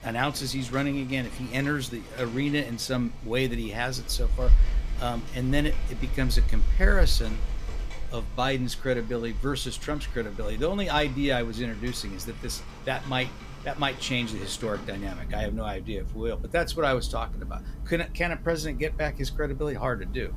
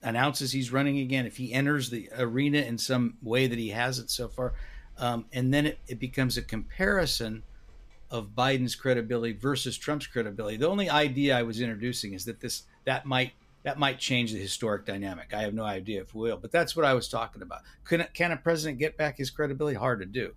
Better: second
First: rain or running water; loud; throughout; 5 dB below the speech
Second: rain or running water; faint; throughout; 25 dB below the speech

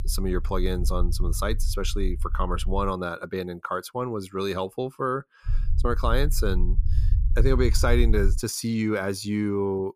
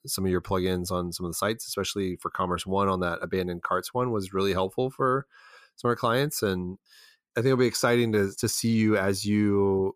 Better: second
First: low rumble; noticeable; until 3 s and from 5.5 to 8.5 s; 20 dB below the speech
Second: none

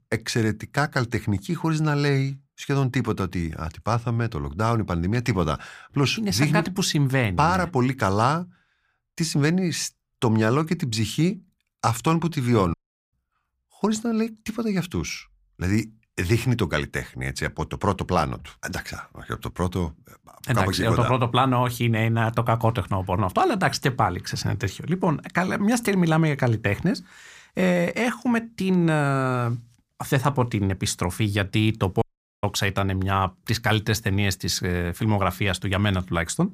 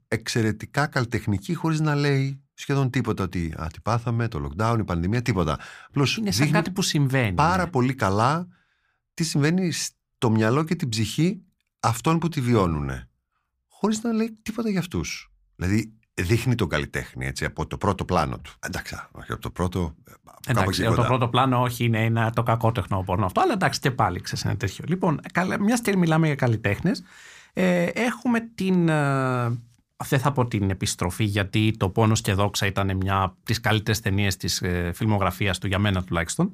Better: second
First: audio cutting out; at 13 s and at 32 s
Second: none

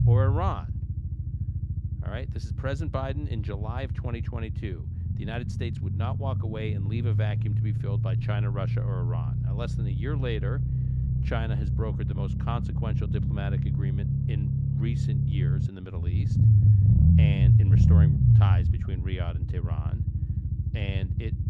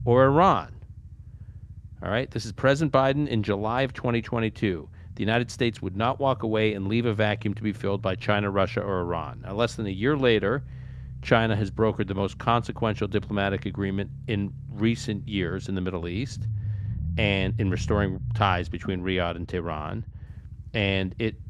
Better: second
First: low rumble; loud; throughout; as loud as the speech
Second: low rumble; faint; throughout; 25 dB below the speech

